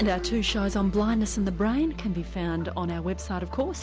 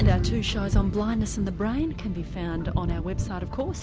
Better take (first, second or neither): first